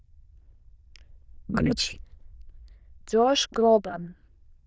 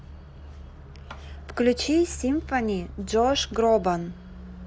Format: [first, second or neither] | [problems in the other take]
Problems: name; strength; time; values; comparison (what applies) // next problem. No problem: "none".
second | noise reduction (neural diffusion model UNIVERSE++)